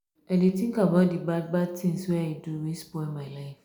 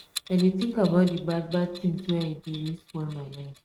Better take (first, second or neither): first